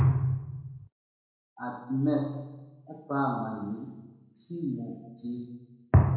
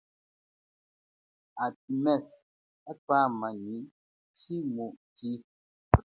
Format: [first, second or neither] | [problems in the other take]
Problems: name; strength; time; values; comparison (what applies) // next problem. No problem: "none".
second | room echo; dies away in 1 s